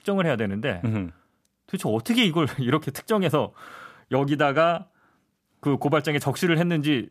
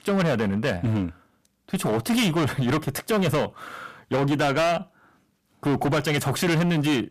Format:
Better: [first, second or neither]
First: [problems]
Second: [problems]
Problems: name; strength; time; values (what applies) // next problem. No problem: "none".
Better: first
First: none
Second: distortion; heavy; 18% of the sound clipped